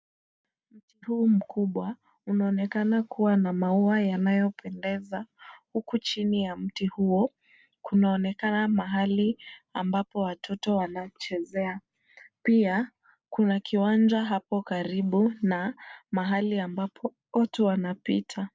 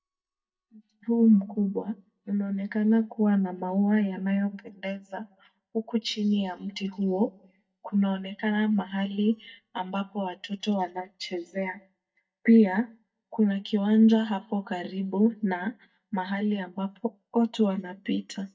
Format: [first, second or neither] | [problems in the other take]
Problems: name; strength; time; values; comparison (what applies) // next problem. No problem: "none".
first | noise reduction (neural mask model DeepFilterNet 3)